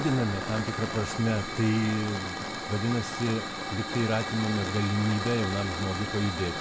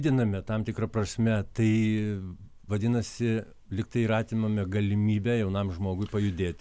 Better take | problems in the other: second | background sound (Hiss / Fire); 5 dB below the speech

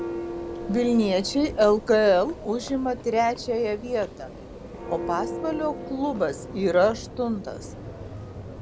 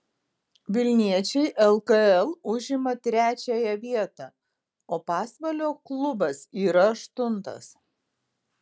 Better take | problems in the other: second | background sound (Church bell); 11 dB below the speech

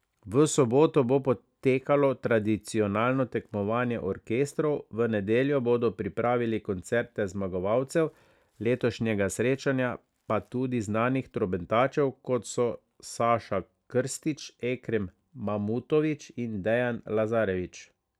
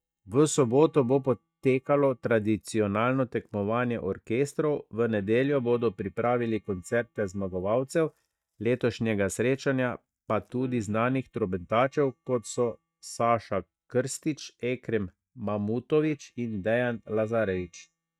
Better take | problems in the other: first | noise reduction (neural mask model DeepFilterNet 3)

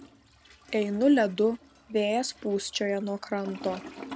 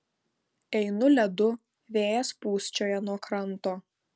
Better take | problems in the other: second | background sound (Toilet flush); 18 dB below the speech

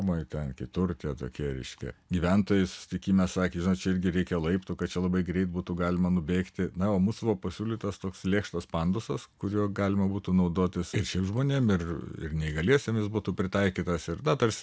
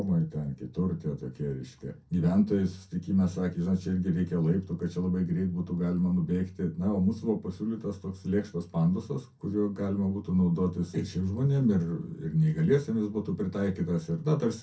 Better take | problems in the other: first | room echo; dies away in 0.3 s

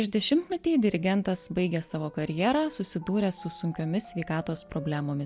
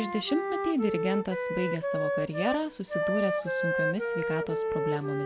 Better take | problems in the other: first | background sound (Wind instrument, woodwind instrument); 1 dB above the speech

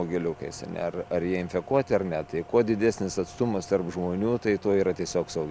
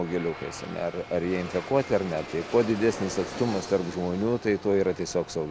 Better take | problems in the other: first | background sound (Aircraft); 13 dB below the speech

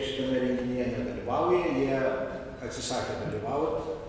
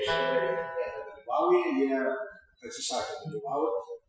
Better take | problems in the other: first | noise reduction (classical method Wiener filter)

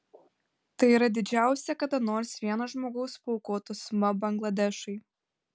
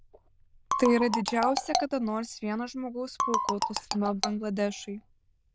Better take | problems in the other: first | noise reduction (neural diffusion model UNIVERSE++)

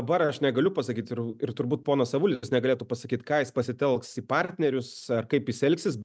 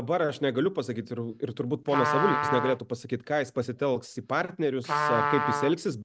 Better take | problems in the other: first | background sound (Trumpet); 3 dB below the speech

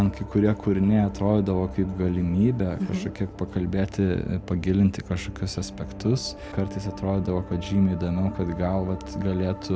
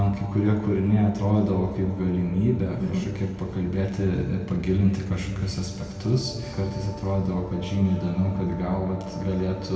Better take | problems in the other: first | room echo; dies away in 2.3 s

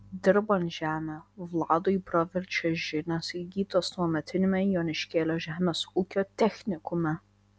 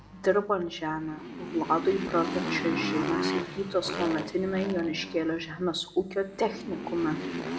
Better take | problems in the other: first | background sound (Motorcycle); 6 dB below the speech // room echo; dies away in 1.8 s

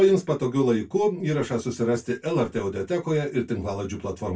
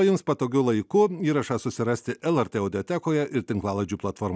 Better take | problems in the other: second | room echo; dies away in 0.2 s

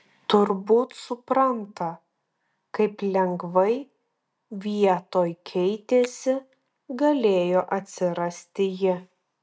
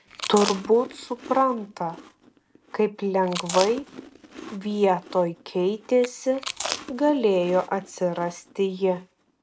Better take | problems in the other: first | background sound (Chewing, mastication); 13 dB below the speech

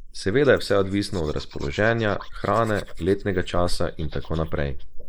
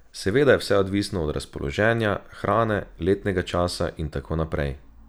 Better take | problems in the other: second | noise reduction (neural mask model Resemble Enhance denoiser)

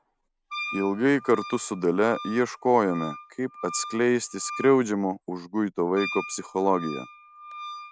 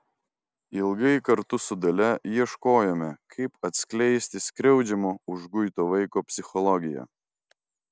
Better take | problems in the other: second | background sound (Wind instrument, woodwind instrument); 13 dB below the speech

